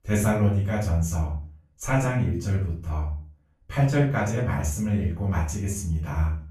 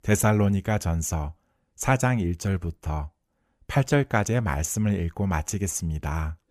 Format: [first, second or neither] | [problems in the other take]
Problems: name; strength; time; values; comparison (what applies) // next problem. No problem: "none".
second | off-mic speech; far // room echo; noticeable; dies away in 0.4 s